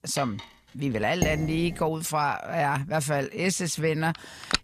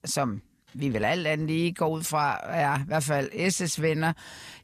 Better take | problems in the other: second | clattering dishes; faint; at the start; peak 15 dB below the speech // clattering dishes; noticeable; at 1 s; peak 3 dB below the speech // phone ringing; very faint; at 4.5 s; peak 1 dB below the speech

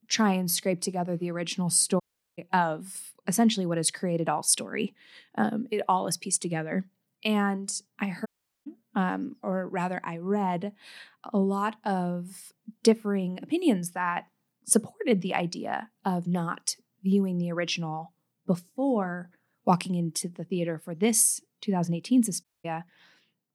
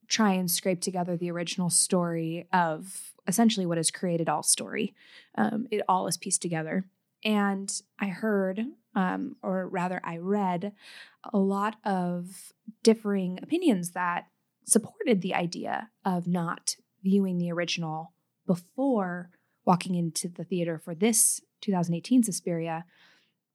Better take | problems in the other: second | audio cutting out; at 2 s, at 8.5 s and at 22 s

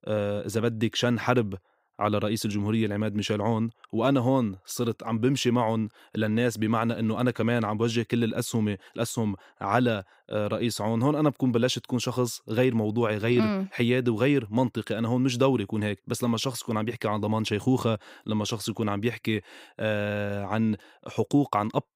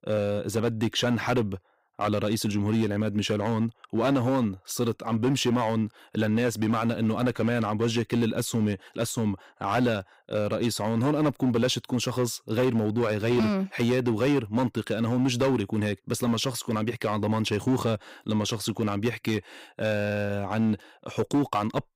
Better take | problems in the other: first | distortion; slight; 7% of the sound clipped

